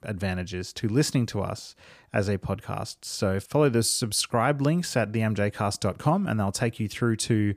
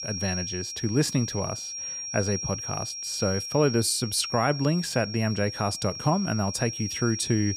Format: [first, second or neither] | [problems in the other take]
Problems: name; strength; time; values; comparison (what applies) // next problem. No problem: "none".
first | high-pitched whine; loud; throughout; 5.5 kHz, 6 dB below the speech